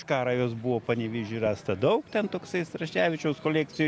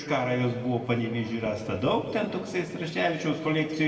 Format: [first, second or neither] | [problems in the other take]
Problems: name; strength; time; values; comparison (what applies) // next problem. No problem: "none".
first | room echo; dies away in 1.6 s